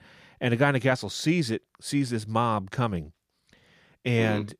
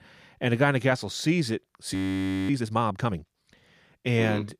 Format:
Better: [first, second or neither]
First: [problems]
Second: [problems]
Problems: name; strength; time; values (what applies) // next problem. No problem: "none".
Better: first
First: none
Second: audio freezing; at 2 s for 0.5 s